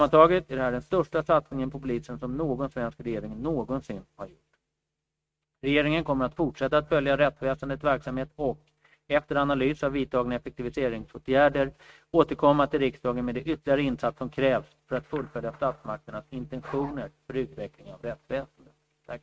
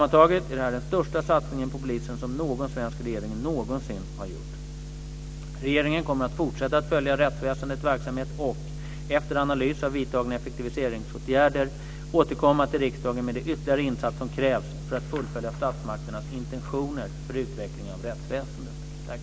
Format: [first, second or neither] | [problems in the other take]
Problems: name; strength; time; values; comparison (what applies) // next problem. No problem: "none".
second | noise reduction (neural mask model RNNoise)